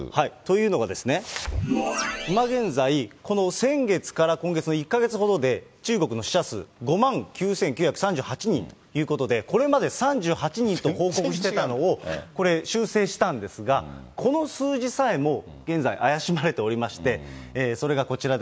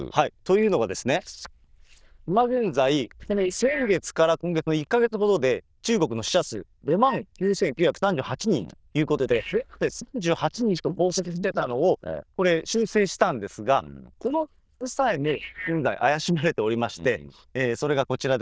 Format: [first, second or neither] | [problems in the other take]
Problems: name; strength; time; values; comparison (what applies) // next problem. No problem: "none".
first | noise reduction (neural diffusion model UNIVERSE++)